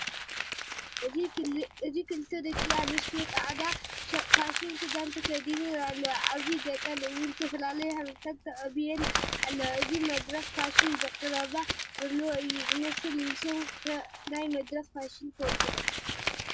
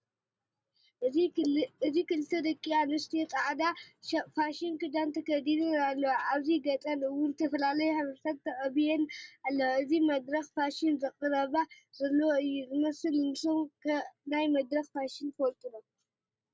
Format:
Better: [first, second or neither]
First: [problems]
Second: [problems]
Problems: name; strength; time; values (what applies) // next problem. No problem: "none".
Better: second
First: background sound (Crumpling, crinkling); as loud as the speech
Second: none